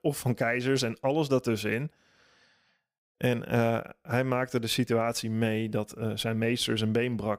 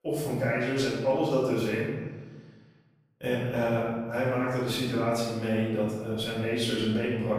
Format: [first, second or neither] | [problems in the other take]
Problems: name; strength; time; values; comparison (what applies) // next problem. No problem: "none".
first | room echo; strong; dies away in 1.2 s // off-mic speech; far